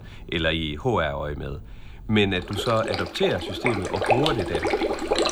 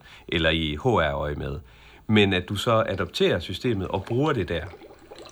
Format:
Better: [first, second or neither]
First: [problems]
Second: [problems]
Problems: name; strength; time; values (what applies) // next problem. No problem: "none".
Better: second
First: rain or running water; loud; throughout; 1 dB below the speech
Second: rain or running water; faint; throughout; 25 dB below the speech